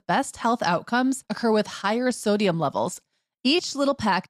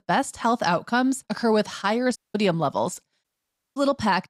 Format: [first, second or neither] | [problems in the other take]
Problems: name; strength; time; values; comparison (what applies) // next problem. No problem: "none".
first | audio cutting out; at 2 s and at 3 s for 0.5 s